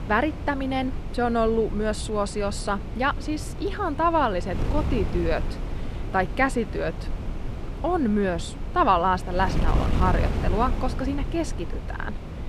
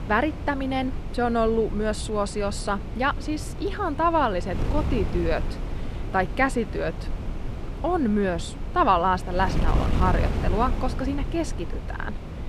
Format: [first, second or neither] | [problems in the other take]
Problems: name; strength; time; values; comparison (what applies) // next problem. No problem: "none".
neither | wind noise on the microphone; occasional gusts; 15 dB below the speech; the same in both